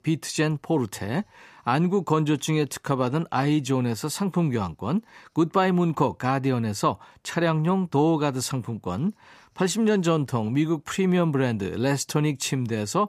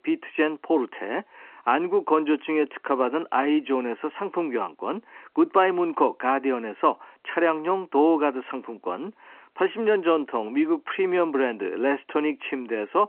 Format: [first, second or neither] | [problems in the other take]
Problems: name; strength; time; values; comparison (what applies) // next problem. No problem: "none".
first | phone-call audio